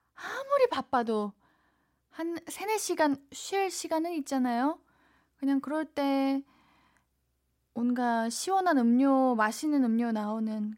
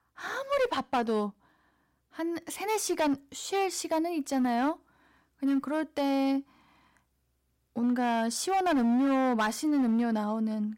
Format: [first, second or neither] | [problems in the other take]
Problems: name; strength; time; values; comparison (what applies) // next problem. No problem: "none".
first | distortion; slight; 9% of the sound clipped